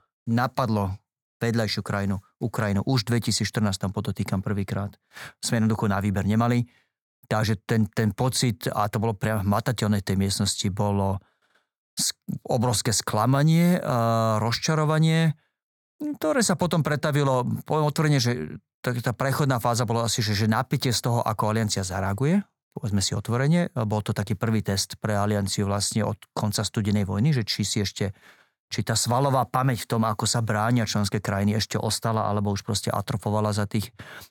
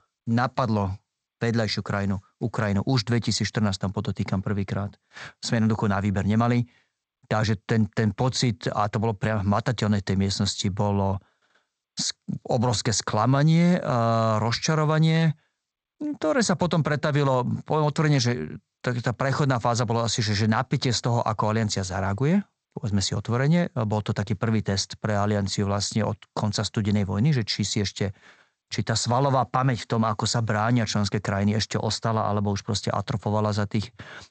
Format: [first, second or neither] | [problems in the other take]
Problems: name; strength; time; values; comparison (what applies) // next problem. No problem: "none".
first | garbled, watery; slightly; nothing above 8 kHz